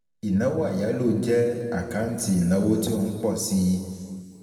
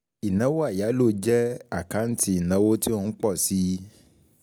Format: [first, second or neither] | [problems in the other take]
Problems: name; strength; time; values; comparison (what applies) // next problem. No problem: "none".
second | room echo; dies away in 2.1 s